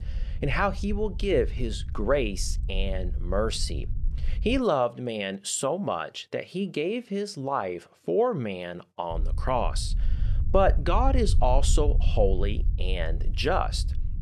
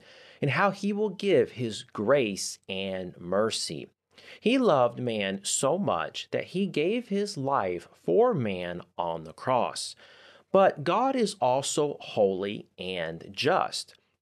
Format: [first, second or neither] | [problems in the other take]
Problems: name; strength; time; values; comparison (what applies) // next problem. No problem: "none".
second | low rumble; faint; until 4.5 s and from 9 s on; 20 dB below the speech